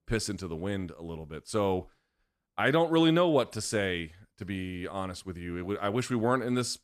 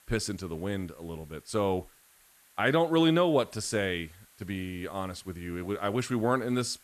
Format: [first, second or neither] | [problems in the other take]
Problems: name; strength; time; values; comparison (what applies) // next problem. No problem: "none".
first | hiss; faint; throughout; 30 dB below the speech